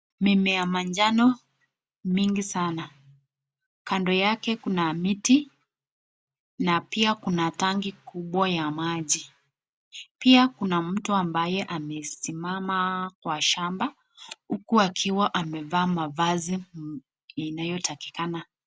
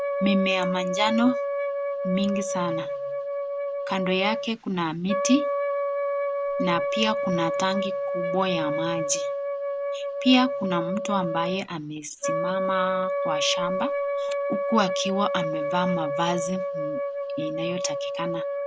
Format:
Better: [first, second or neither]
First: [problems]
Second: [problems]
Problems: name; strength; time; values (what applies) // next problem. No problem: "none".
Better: first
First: none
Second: background sound (Wind instrument, woodwind instrument); as loud as the speech